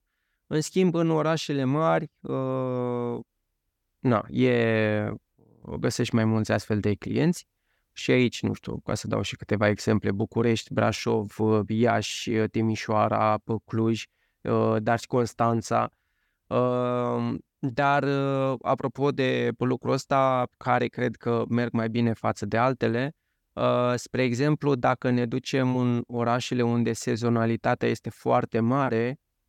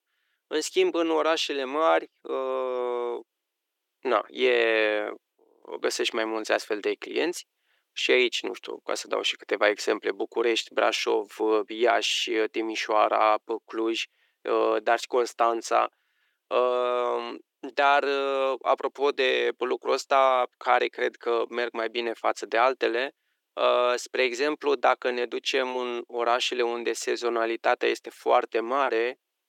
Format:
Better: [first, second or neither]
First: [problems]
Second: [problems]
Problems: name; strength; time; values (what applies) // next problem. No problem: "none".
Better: first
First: none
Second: thin; very; fading below 350 Hz